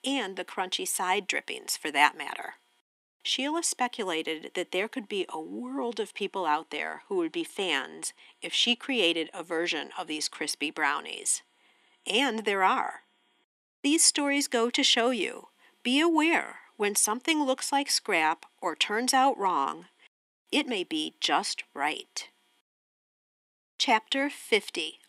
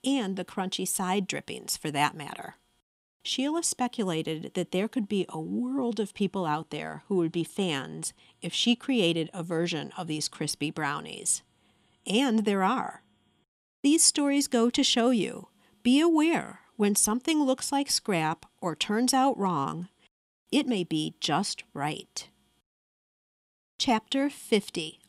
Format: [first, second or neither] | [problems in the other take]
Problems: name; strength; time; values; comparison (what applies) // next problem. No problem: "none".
second | thin; somewhat; fading below 300 Hz